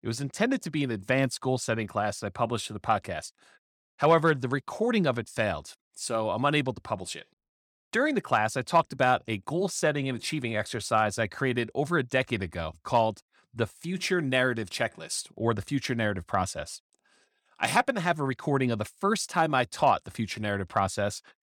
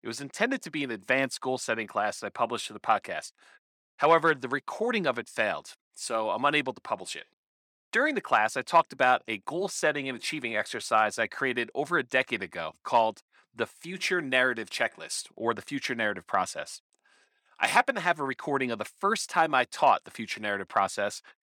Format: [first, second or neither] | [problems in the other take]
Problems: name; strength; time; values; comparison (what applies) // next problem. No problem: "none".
first | thin; somewhat; fading below 250 Hz